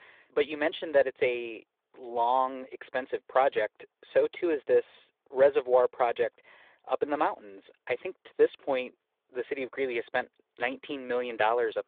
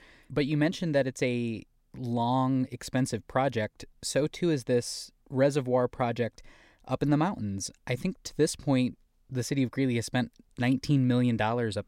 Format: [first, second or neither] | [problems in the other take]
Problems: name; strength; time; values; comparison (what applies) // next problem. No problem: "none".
second | phone-call audio; nothing above 3.5 kHz